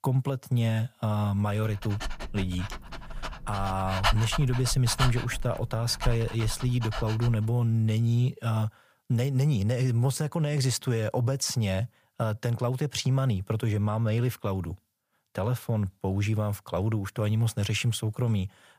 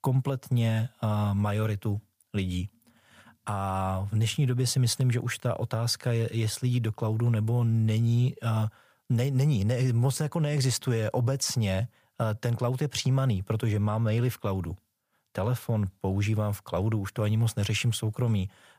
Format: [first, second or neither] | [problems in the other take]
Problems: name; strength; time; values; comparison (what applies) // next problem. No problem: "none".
second | dog barking; loud; from 2 to 7.5 s; peak level with the speech